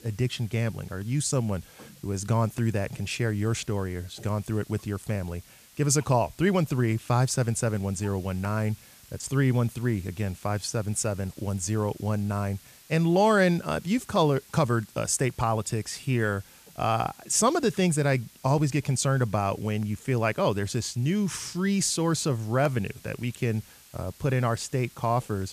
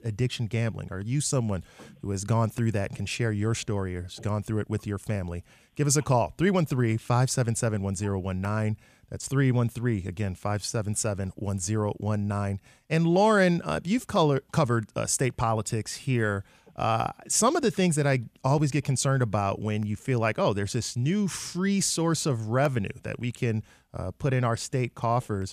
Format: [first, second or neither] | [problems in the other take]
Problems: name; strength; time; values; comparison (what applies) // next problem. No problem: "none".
second | hiss; faint; throughout; 25 dB below the speech